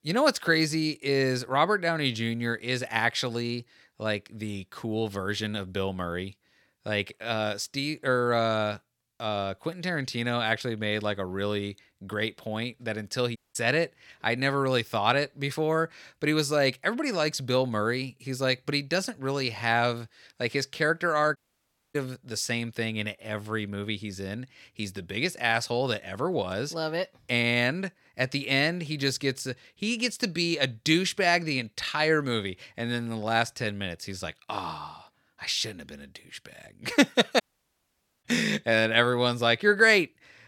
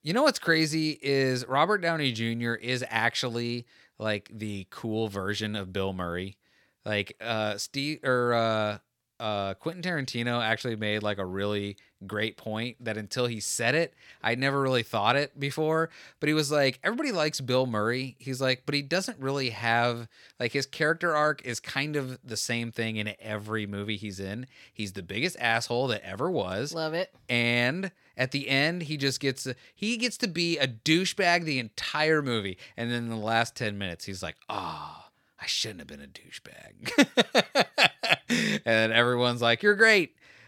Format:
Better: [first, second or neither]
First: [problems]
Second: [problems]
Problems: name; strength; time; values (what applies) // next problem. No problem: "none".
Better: second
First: audio cutting out; at 13 s, at 21 s for 0.5 s and at 37 s for 1 s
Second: none